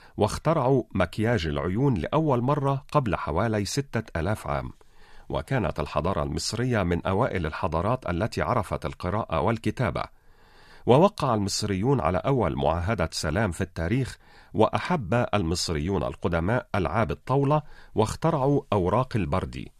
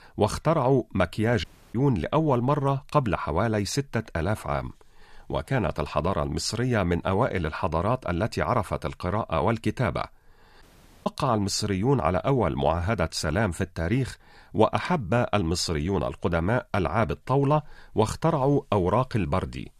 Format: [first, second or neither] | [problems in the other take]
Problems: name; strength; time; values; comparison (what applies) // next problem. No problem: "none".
first | audio cutting out; at 1.5 s and at 11 s